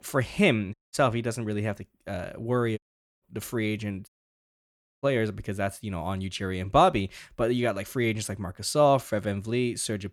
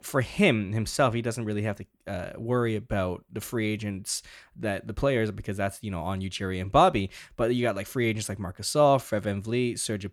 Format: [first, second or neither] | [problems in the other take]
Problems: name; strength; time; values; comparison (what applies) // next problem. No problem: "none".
second | audio cutting out; at 0.5 s, at 3 s and at 4 s for 1 s